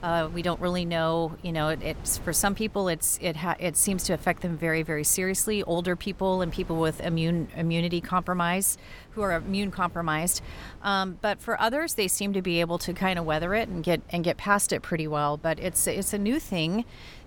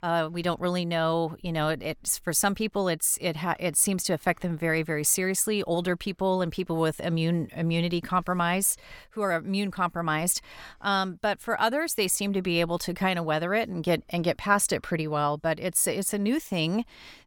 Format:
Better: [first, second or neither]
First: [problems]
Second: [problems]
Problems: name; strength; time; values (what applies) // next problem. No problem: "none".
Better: second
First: wind noise on the microphone; occasional gusts; 25 dB below the speech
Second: none